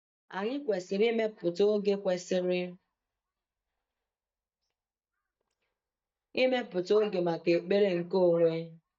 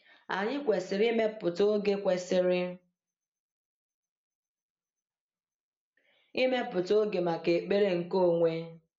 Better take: second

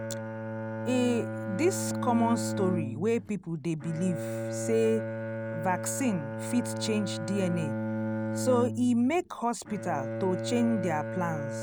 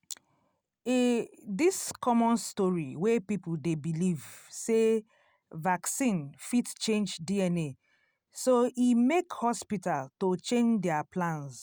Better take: second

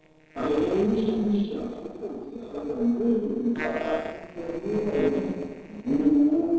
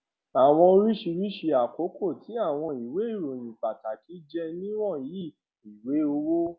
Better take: second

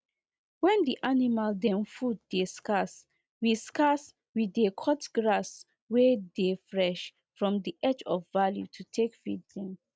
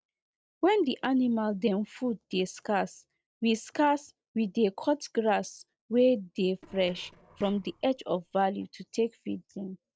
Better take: first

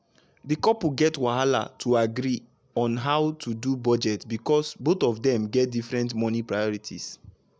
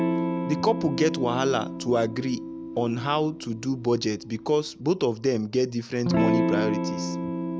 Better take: first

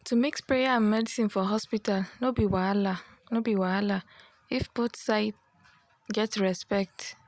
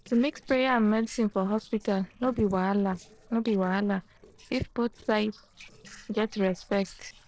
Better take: first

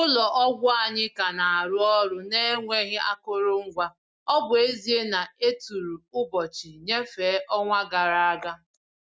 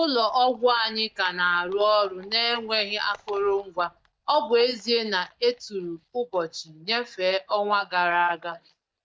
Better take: first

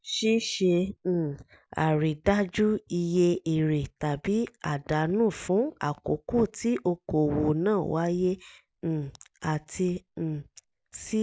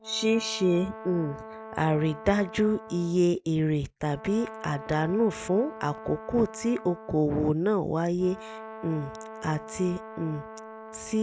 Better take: first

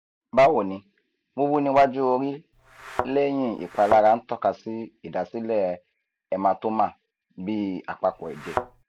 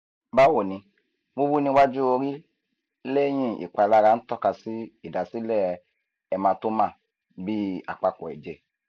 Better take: second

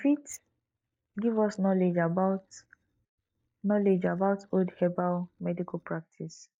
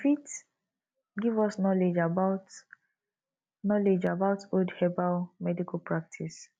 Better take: second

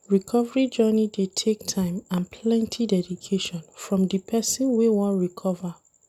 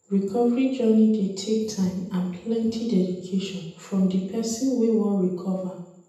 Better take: first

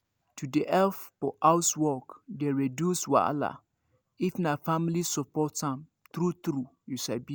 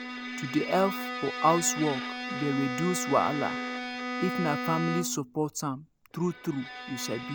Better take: first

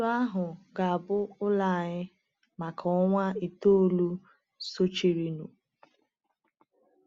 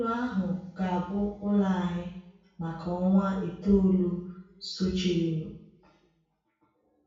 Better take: first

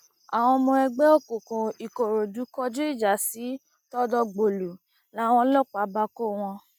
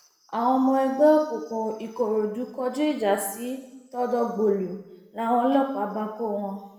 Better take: first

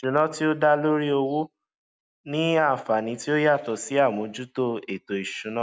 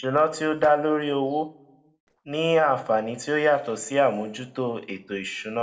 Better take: first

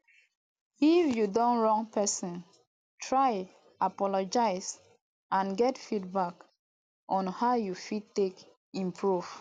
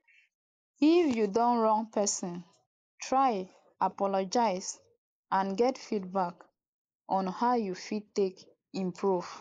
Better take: first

